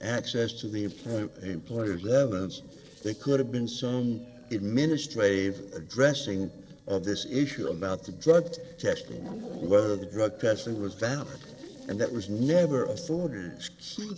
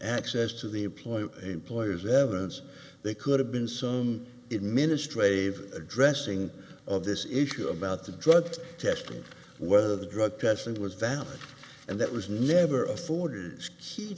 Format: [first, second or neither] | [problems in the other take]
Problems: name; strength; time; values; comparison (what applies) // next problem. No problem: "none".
second | noise reduction (neural separator model SepFormer DNS4)